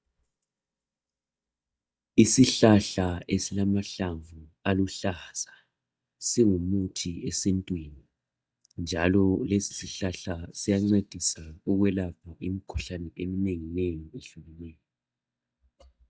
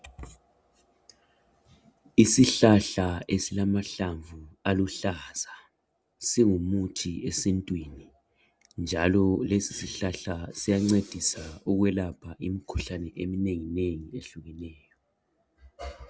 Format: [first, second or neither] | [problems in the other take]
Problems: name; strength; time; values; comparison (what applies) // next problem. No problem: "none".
second | noise reduction (neural mask model DeepFilterNet 3)